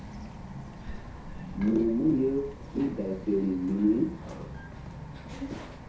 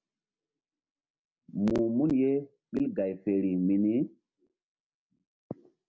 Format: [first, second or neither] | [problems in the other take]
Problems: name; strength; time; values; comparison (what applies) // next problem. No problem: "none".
second | background sound (Bird vocalization, bird call, bird song); 10 dB below the speech // room echo; dies away in 0.6 s